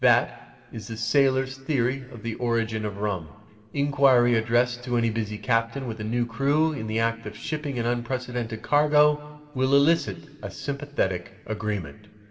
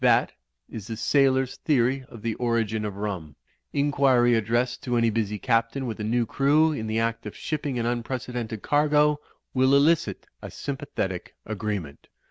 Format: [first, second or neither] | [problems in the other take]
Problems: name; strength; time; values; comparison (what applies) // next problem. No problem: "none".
second | room echo; dies away in 1.7 s